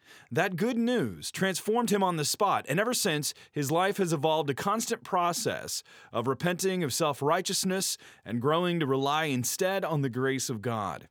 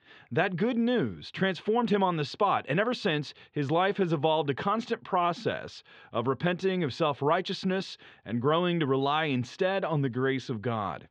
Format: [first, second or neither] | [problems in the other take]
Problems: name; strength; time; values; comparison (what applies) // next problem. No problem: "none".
first | muffled; slightly; fading above 3.5 kHz